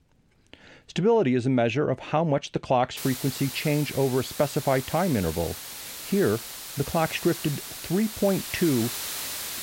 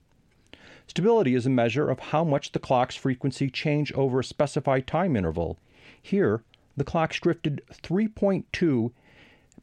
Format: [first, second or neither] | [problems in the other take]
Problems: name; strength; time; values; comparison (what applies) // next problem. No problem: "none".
second | hiss; loud; from 3 s on; 8 dB below the speech